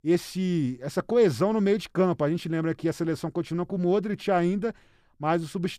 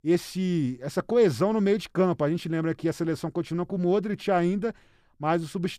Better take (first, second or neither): neither